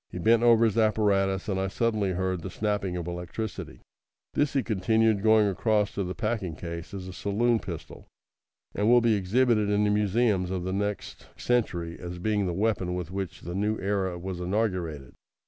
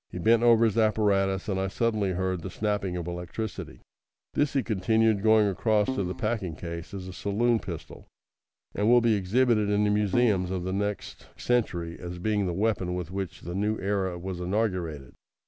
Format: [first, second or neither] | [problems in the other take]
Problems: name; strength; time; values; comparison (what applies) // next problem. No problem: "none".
first | background sound (Keyboard (musical)); 8 dB below the speech